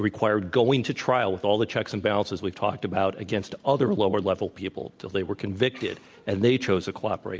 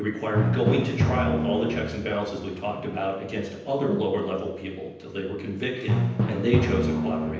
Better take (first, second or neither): first